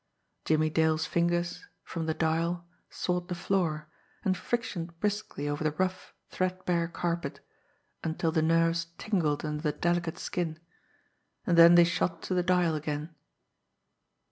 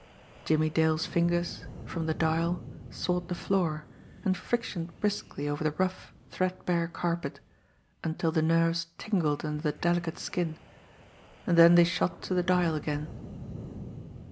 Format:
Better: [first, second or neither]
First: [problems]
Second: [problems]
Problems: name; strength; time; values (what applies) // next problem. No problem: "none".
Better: first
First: none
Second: background sound (Wind); 16 dB below the speech